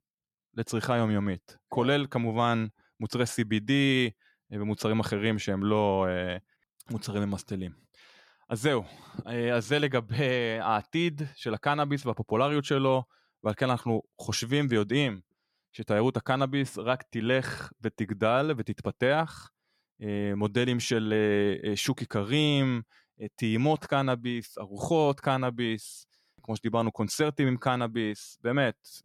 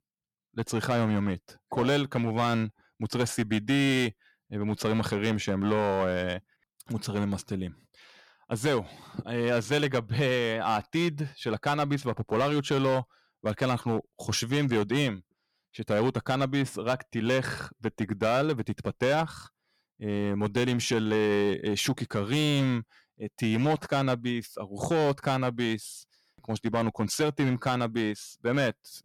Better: first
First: none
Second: distortion; slight; 6% of the sound clipped

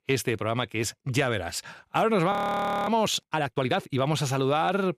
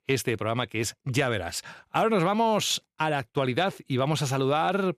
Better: second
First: audio freezing; at 2.5 s for 0.5 s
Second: none

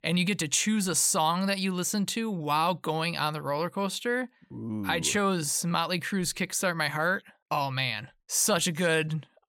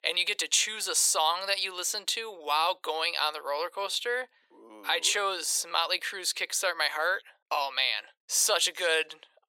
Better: first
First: none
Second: thin; very; fading below 450 Hz

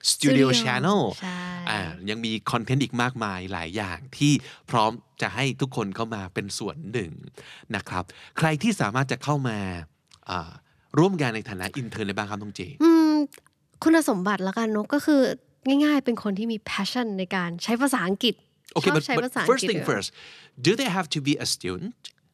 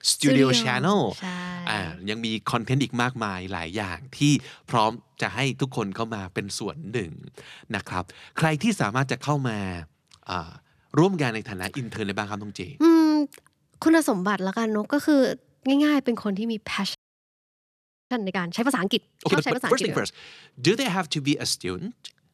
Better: first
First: none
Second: audio freezing; at 17 s for 1 s

